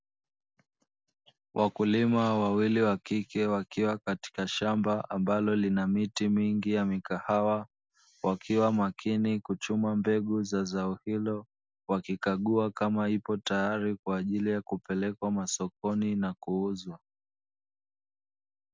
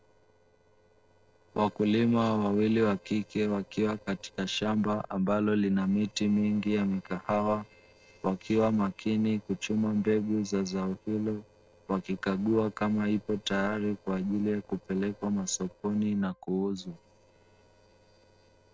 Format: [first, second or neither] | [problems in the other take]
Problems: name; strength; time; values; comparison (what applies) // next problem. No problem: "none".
first | noise reduction (neural separator model SepFormer DNS4)